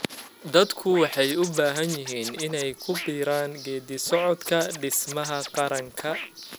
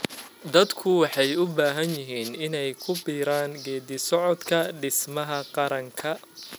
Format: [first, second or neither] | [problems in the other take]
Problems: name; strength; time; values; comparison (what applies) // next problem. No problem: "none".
second | background sound (Scratching (performance technique)); 13 dB below the speech